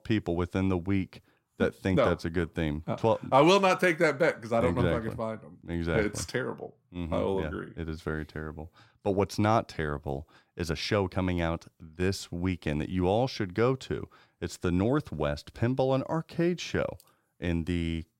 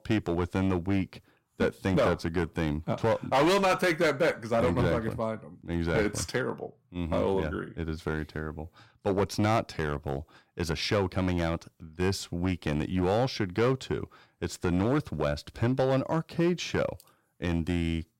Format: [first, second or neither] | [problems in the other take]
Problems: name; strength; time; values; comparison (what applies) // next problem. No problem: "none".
first | distortion; slight; 5% of the sound clipped